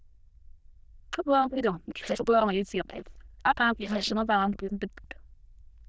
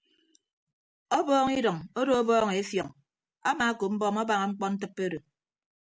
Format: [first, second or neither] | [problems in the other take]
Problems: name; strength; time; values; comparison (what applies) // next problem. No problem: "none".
second | noise reduction (neural diffusion model UNIVERSE++)